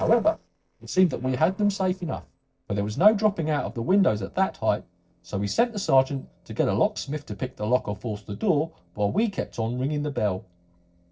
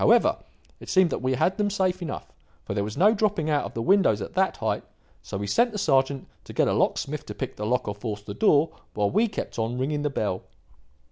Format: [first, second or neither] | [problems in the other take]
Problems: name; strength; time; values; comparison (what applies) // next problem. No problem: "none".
second | noise reduction (neural separator model SepFormer DNS4)